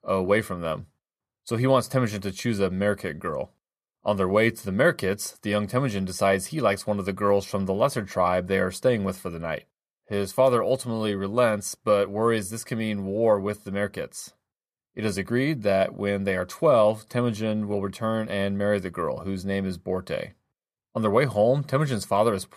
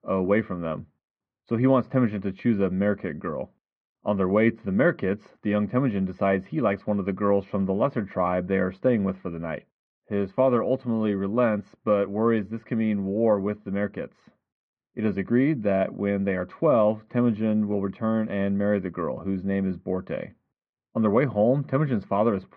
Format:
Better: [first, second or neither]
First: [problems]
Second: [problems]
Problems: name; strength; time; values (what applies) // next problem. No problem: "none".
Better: first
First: none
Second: muffled; very; fading above 2.5 kHz